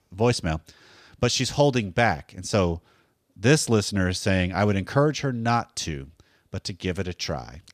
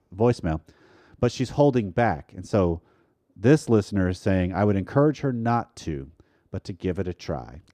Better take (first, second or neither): first